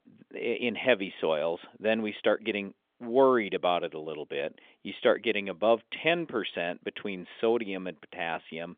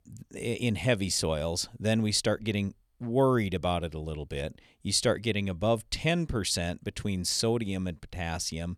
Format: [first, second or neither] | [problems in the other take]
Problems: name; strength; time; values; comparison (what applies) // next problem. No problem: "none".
second | phone-call audio; nothing above 3.5 kHz